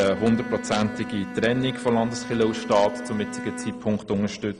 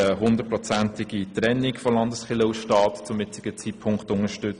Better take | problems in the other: second | background sound (Bowed string instrument); 11 dB below the speech

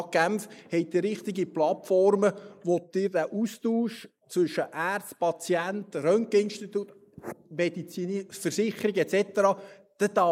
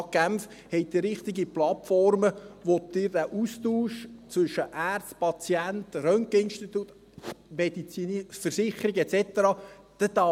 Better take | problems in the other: second | noise reduction (neural mask model Resemble Enhance denoiser)

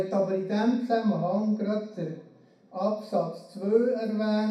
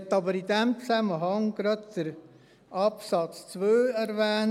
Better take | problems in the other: second | room echo; dies away in 0.6 s

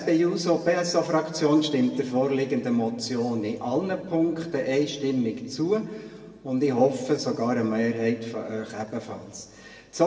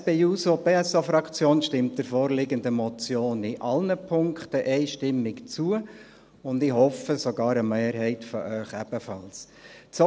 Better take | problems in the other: second | room echo; dies away in 1.3 s

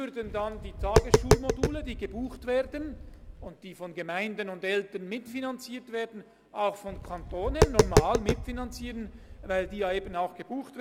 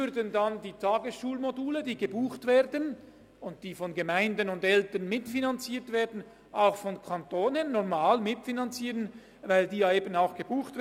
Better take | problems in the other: second | background sound (Tap); 4 dB above the speech

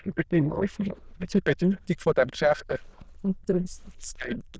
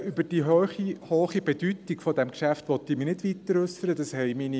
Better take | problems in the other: second | noise reduction (neural diffusion model UNIVERSE++)

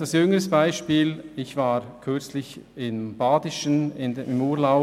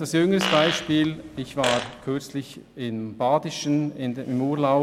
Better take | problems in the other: first | background sound (Fart); 6 dB below the speech

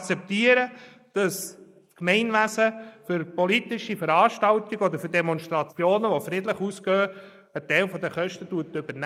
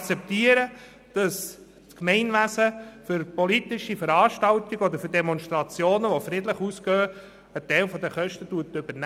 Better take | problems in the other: second | noise reduction (neural mask model Resemble Enhance denoiser)

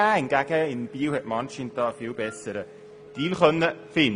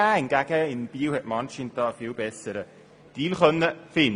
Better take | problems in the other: second | background sound (Wind instrument, woodwind instrument + Wind instrument, woodwind instrument); 19 dB below the speech

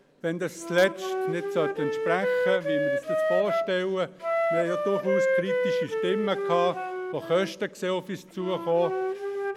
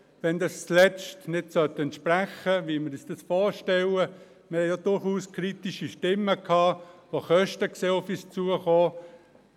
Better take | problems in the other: second | background sound (Wind instrument, woodwind instrument); as loud as the speech

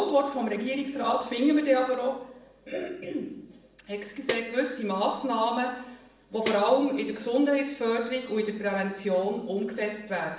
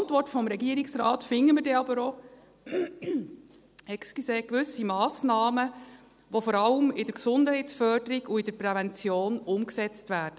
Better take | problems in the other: second | background sound (Tambourine); 12 dB below the speech // room echo; dies away in 0.7 s

